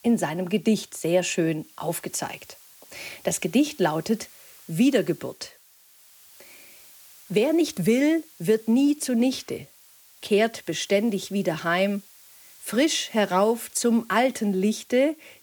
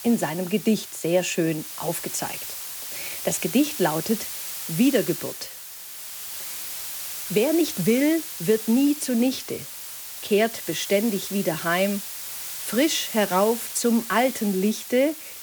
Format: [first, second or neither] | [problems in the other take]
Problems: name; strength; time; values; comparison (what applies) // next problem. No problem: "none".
first | hiss; loud; throughout; 8 dB below the speech; faint in the first